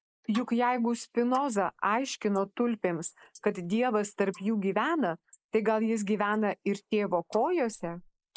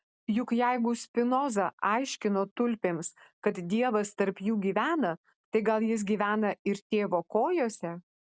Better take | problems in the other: second | noise reduction (neural mask model Resemble Enhance denoiser)

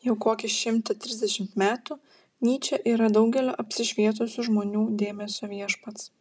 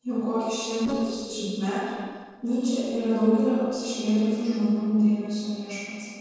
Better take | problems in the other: first | noise reduction (neural separator model SepFormer DNS4)

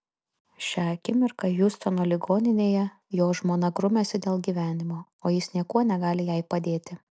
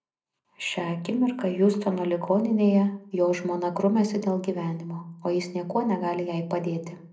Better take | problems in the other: first | room echo; dies away in 0.4 s

